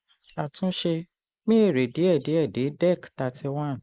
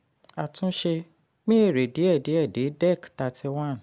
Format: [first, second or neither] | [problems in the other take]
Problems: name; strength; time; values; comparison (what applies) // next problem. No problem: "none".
second | noise reduction (neural mask model Resemble Enhance denoiser)